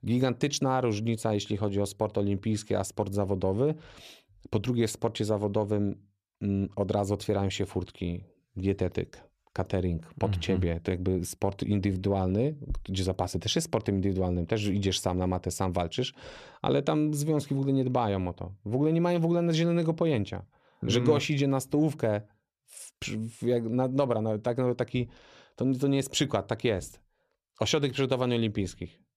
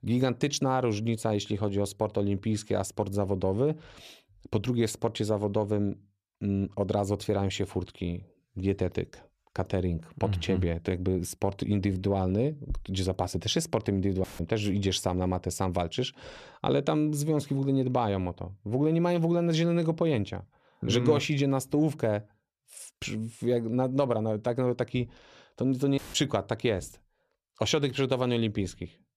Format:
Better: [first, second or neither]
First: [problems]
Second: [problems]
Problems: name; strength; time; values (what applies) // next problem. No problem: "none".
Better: first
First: none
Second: audio cutting out; filled with static; at 14 s and at 26 s